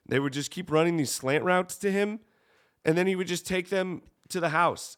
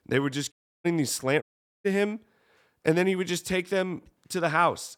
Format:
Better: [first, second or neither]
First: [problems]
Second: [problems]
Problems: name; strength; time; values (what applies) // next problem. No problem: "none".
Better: first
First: none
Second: audio cutting out; at 0.5 s and at 1.5 s